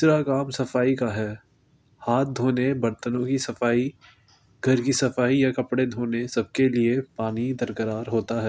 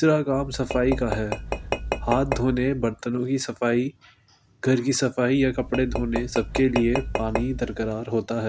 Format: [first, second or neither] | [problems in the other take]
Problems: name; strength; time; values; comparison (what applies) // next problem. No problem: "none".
first | background sound (Tap / Glass); 6 dB below the speech